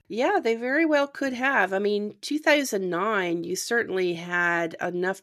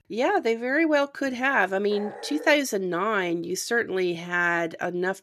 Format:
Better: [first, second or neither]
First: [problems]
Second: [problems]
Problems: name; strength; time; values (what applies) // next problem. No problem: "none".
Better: first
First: none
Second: dog barking; faint; at 2 s; peak 15 dB below the speech